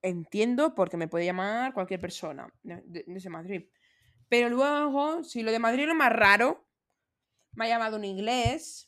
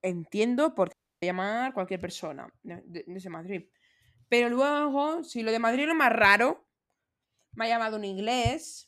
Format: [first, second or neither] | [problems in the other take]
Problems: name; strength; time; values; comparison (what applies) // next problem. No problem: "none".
first | audio cutting out; at 1 s